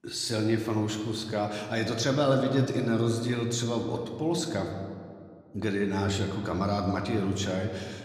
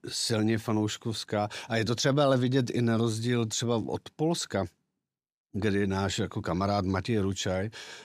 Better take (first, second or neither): second